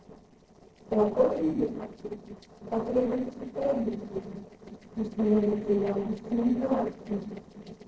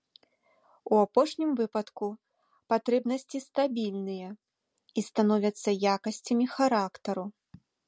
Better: second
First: noise reduction (neural separator model SepFormer DNS4)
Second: none

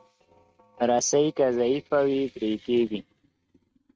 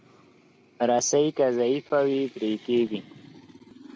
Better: second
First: noise reduction (neural mask model RNNoise)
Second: none

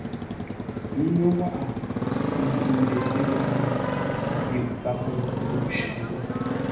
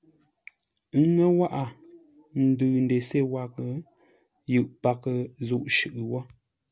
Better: second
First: background sound (Motorcycle); 1 dB above the speech // room echo; dies away in 0.9 s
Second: none

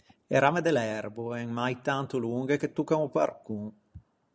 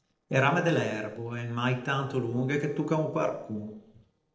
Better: first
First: none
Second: noise reduction (neural separator model SepFormer DNS4)

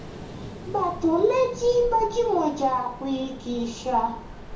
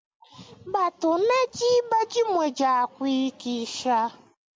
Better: second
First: background sound (Ocean); 13 dB below the speech // room echo; dies away in 0.7 s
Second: none

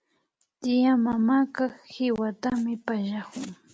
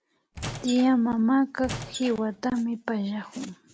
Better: first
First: none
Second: background sound (Squeak / Wood); 12 dB below the speech

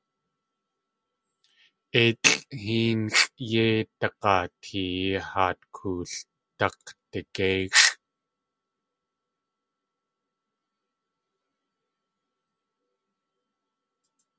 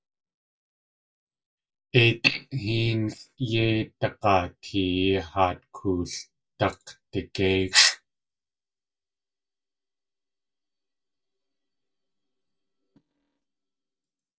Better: first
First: none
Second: noise reduction (neural mask model DeepFilterNet 3)

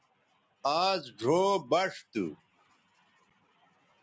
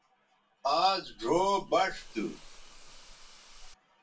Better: first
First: none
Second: background sound (Hiss / Insect); 17 dB below the speech // room echo; dies away in 0.2 s

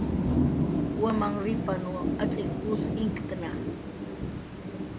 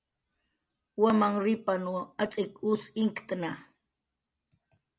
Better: second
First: background sound (Thunder / Rain); 4 dB above the speech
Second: none

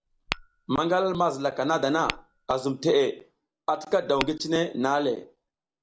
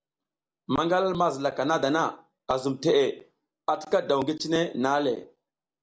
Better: second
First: background sound (Tap / Glass); 15 dB below the speech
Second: none

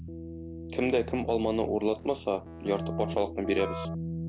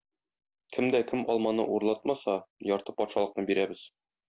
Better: second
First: background sound (Keyboard (musical)); 7 dB below the speech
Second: none

